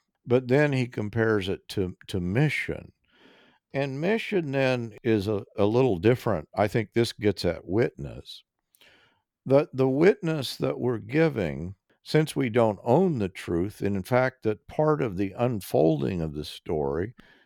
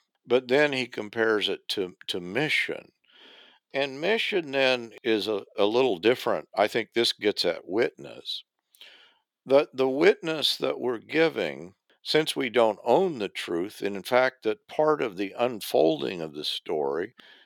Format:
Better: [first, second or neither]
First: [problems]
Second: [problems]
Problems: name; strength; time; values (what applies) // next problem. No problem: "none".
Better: first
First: none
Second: thin; somewhat; fading below 350 Hz